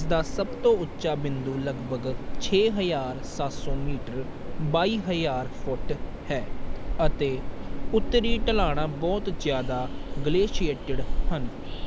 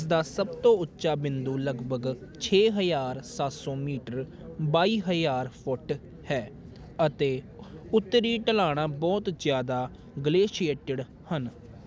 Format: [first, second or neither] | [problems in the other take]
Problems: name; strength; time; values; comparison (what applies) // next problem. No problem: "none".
second | background sound (Train); as loud as the speech